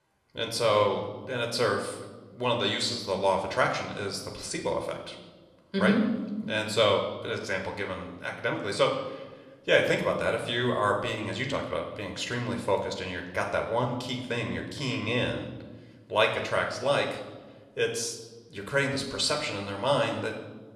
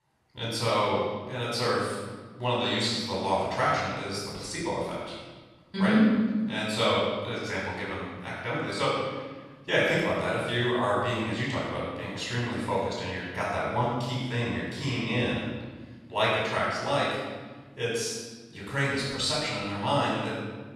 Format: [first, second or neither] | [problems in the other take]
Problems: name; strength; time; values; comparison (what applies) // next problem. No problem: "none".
first | room echo; strong; dies away in 1.4 s; slight in the first // off-mic speech; far